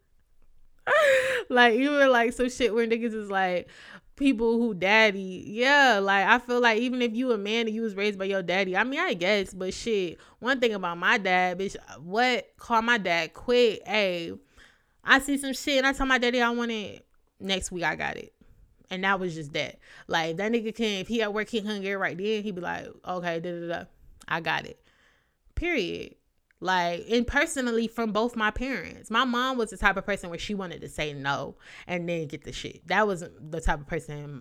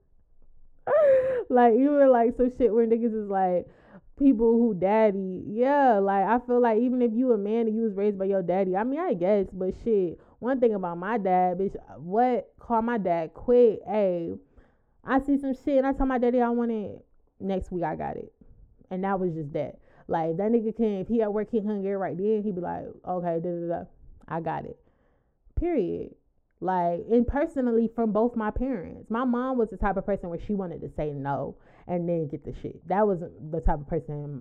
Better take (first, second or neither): first